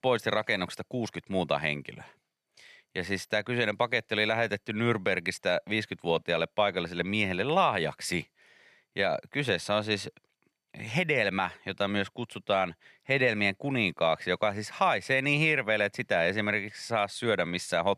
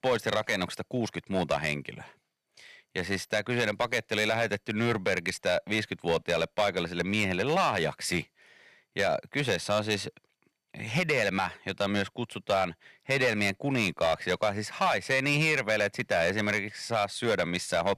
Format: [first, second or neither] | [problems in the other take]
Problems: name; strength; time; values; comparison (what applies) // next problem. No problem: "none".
first | distortion; slight; 5% of the sound clipped